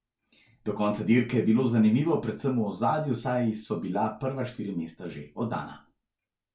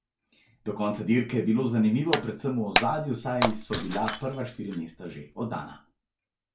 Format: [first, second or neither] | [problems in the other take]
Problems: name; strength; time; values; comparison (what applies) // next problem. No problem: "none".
first | background sound (Shatter); 4 dB below the speech